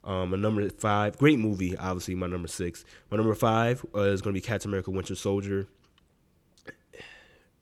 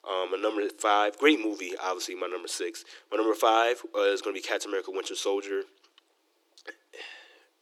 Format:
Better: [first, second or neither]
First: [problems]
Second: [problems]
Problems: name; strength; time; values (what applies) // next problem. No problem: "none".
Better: first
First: none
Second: thin; very; fading below 300 Hz